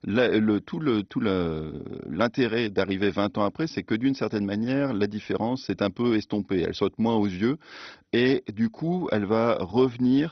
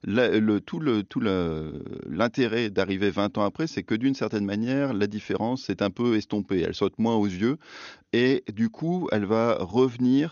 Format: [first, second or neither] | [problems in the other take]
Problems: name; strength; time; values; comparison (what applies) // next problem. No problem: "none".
second | garbled, watery; badly; nothing above 6 kHz; slightly in the second